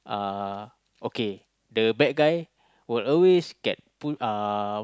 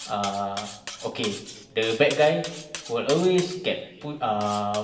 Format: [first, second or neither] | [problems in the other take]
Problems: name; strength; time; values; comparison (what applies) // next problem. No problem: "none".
first | background sound (Cutlery, silverware); 14 dB below the speech // room echo; dies away in 1.1 s